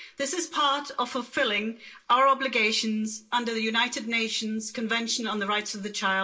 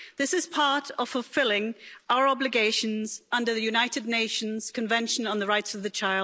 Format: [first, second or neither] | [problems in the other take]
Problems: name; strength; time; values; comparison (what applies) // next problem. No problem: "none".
second | room echo; dies away in 0.2 s